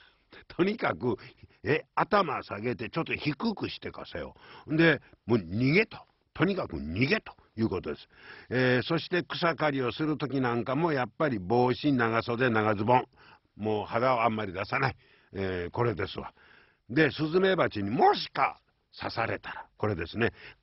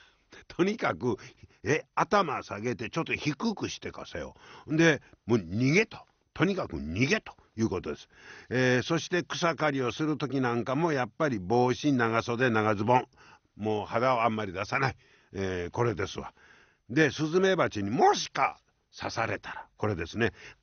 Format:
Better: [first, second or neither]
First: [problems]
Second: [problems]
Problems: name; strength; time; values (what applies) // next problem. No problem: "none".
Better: second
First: garbled, watery; badly; nothing above 5.5 kHz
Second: garbled, watery; slightly; nothing above 6.5 kHz